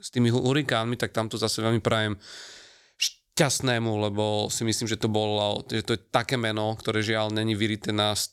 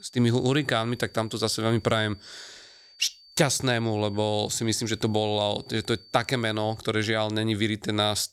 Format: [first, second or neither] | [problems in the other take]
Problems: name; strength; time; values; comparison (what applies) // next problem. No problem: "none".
first | high-pitched whine; faint; until 7 s; 4.5 kHz, 25 dB below the speech